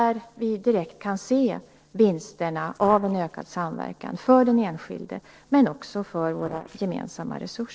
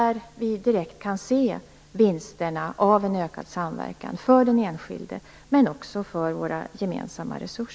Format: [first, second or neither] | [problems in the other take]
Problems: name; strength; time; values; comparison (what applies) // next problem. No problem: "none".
second | noise reduction (neural separator model SepFormer DNS4)